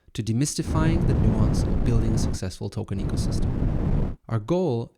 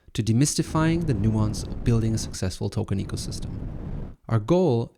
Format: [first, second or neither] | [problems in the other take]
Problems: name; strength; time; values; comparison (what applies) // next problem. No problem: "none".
second | wind noise on the microphone; heavy; from 0.5 to 2.5 s and from 3 to 4 s; 2 dB below the speech; occasional gusts in the second